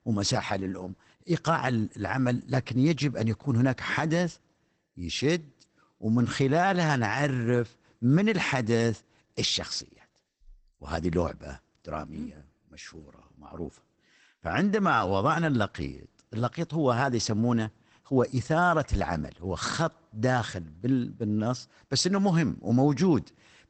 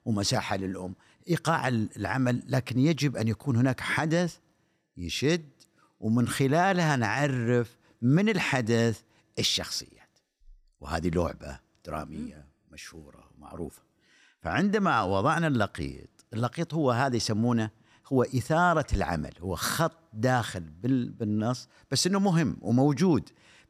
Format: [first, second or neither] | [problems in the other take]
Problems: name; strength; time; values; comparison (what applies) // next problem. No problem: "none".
second | garbled, watery; badly; nothing above 8 kHz